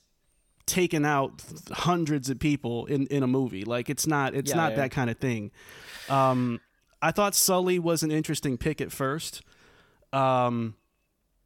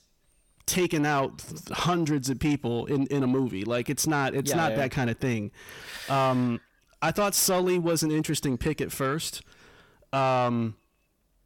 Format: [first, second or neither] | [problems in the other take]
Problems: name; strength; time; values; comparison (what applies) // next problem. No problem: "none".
first | distortion; slight; 10 dB below the speech